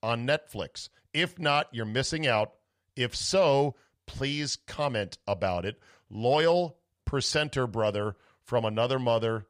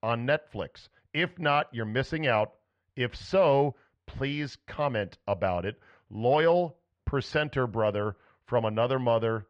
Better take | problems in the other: first | muffled; slightly; fading above 2 kHz

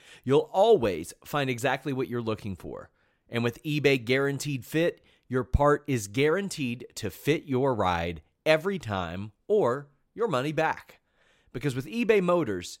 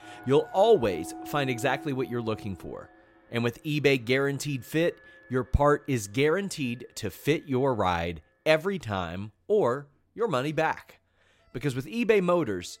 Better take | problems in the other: first | alarms or sirens; noticeable; throughout; 20 dB below the speech

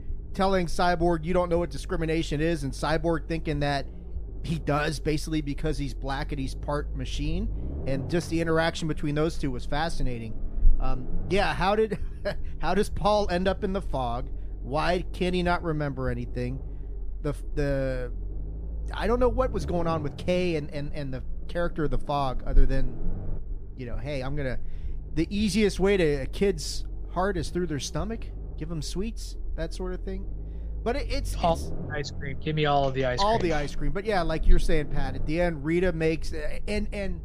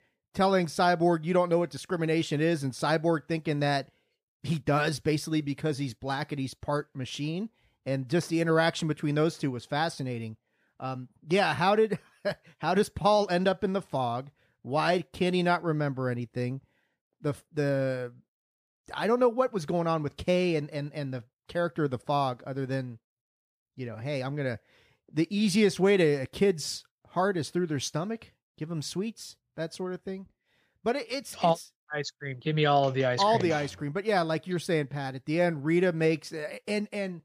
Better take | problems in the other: second | low rumble; faint; throughout; 20 dB below the speech

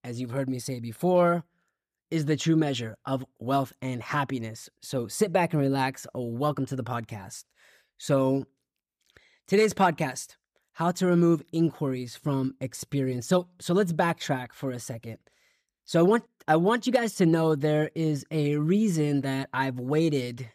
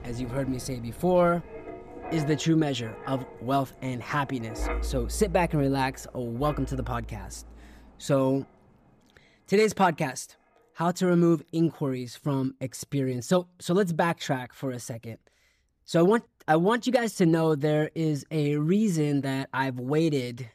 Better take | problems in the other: first | wind in the background; noticeable; throughout; 15 dB below the speech

